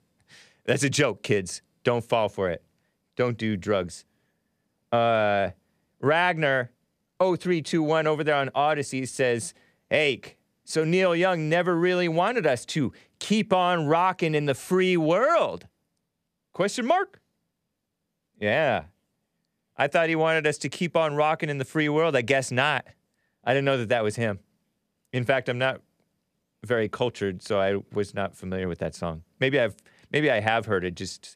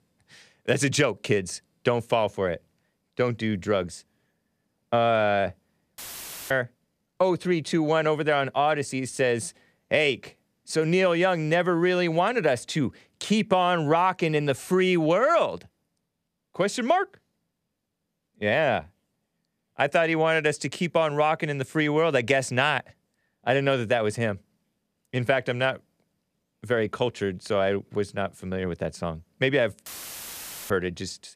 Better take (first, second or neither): first